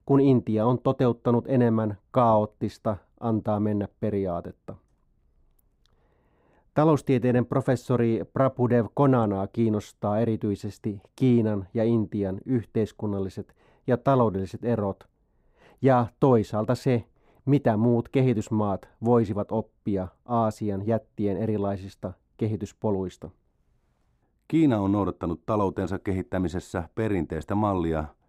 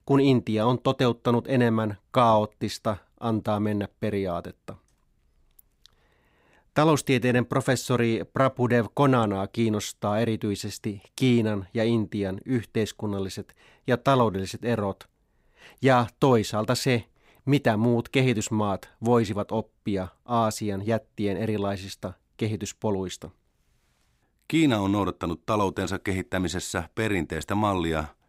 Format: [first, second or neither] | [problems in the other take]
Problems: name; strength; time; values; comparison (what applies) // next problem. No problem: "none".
second | muffled; slightly; fading above 1.5 kHz